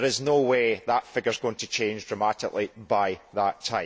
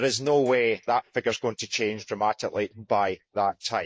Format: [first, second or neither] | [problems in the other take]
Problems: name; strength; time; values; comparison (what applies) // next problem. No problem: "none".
first | noise reduction (neural mask model Resemble Enhance denoiser)